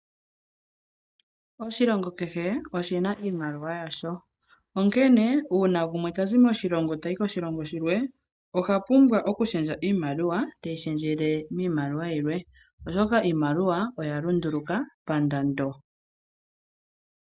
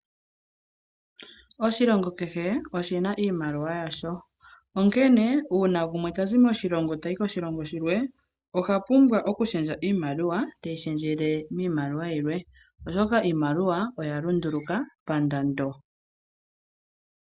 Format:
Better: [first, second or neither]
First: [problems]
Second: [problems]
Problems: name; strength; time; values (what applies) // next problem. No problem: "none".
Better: second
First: noise reduction (neural mask model DeepFilterNet 3)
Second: none